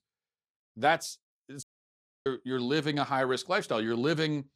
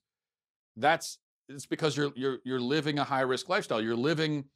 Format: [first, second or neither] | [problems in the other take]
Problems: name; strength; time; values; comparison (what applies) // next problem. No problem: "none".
second | audio cutting out; at 1.5 s for 0.5 s